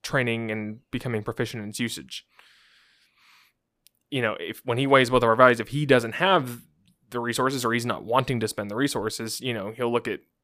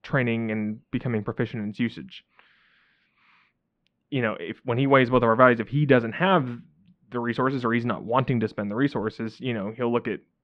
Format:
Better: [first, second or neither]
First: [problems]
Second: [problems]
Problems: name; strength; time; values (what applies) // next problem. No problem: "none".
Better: first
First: none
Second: muffled; very; fading above 3 kHz